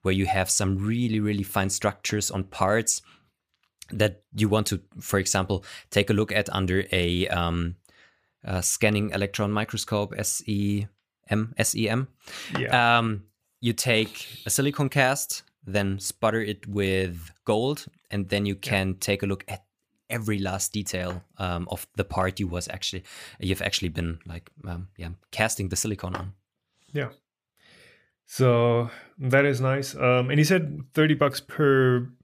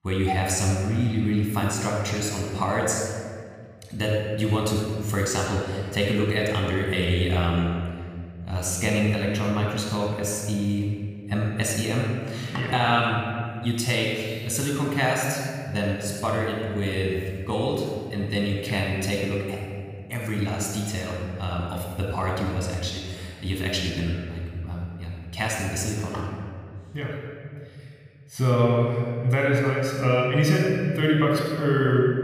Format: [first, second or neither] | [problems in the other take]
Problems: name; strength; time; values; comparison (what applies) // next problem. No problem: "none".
first | off-mic speech; somewhat distant // room echo; noticeable; dies away in 1.9 s